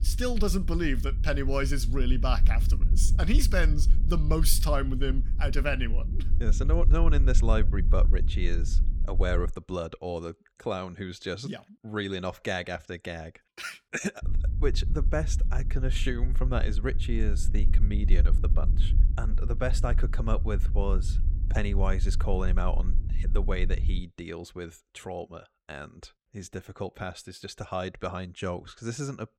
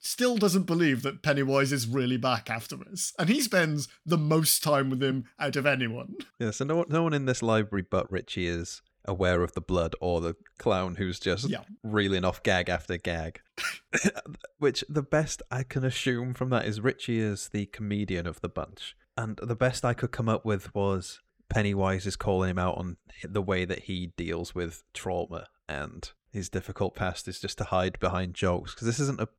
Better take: second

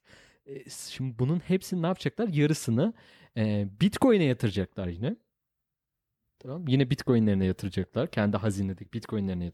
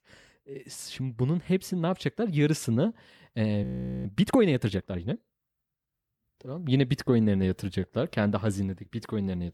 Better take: first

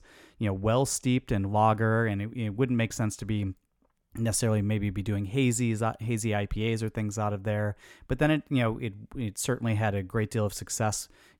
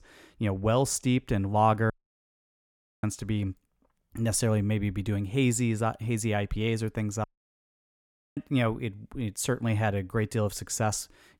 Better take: first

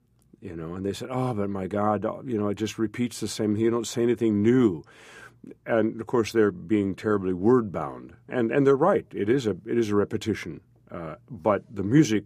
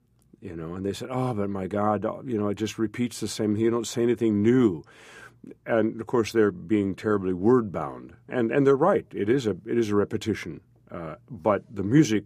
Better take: neither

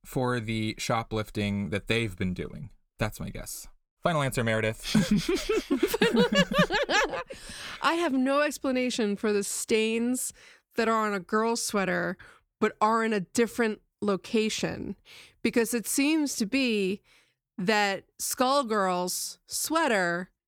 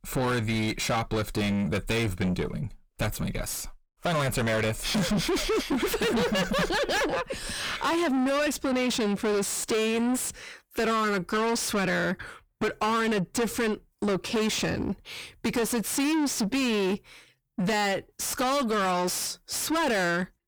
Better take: first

